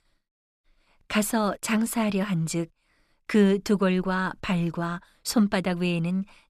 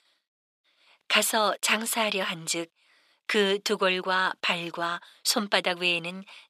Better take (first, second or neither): first